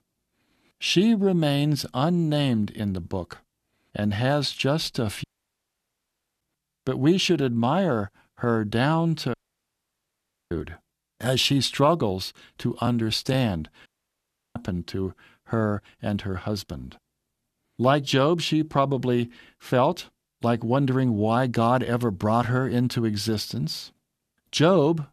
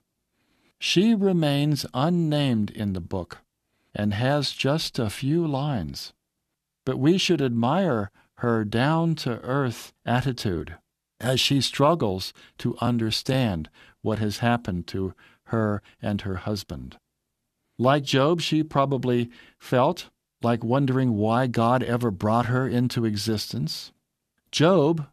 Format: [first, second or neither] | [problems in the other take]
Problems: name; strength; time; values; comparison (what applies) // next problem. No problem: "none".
second | audio cutting out; at 5 s for 1 s, at 9.5 s for 1 s and at 14 s for 0.5 s